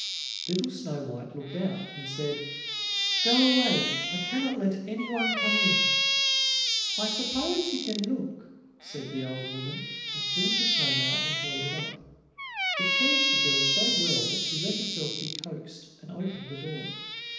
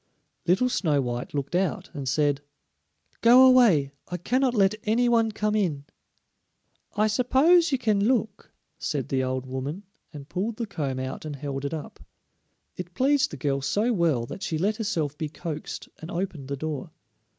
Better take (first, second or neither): second